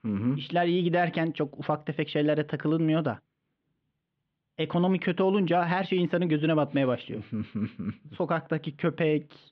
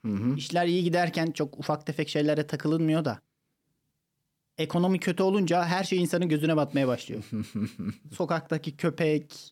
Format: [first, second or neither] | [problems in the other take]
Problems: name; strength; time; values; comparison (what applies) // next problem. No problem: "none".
second | muffled; very; fading above 3.5 kHz